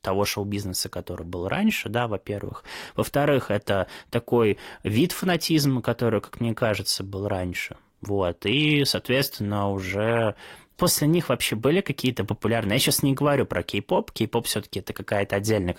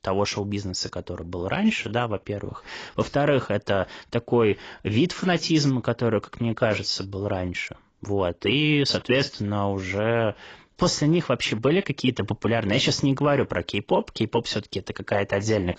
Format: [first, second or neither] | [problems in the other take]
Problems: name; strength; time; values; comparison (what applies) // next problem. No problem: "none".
first | garbled, watery; badly; nothing above 7.5 kHz; slightly in the first